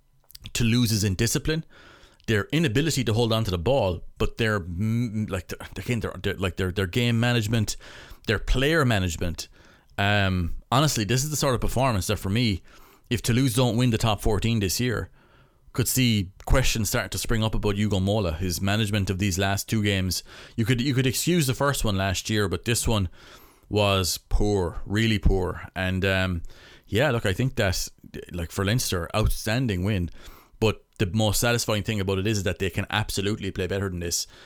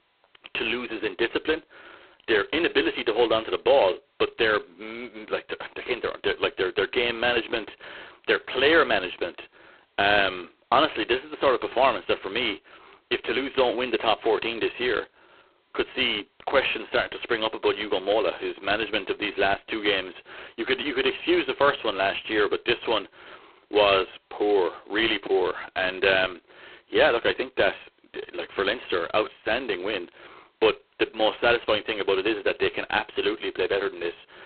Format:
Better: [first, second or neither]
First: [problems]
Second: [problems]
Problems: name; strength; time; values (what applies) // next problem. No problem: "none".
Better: first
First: none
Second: phone-call audio; poor line